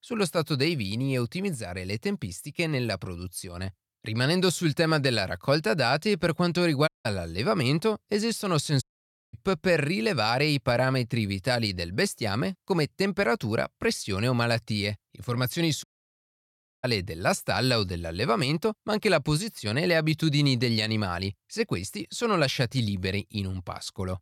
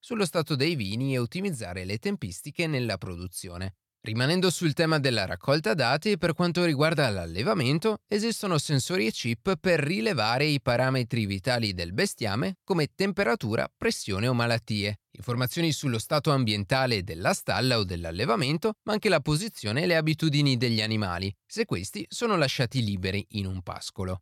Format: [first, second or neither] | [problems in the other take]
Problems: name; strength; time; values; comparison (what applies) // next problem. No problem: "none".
second | audio cutting out; at 7 s, at 9 s for 0.5 s and at 16 s for 1 s